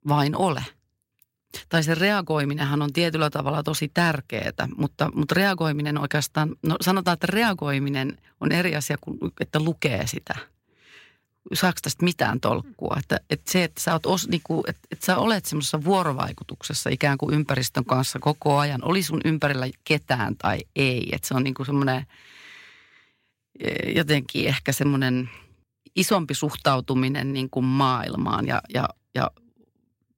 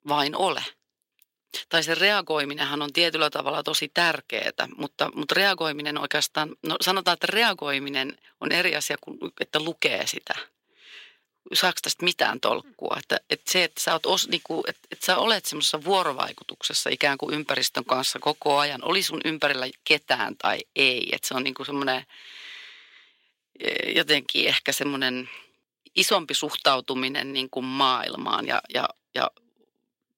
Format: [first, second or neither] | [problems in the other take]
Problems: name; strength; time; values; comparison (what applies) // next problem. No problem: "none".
first | thin; somewhat; fading below 400 Hz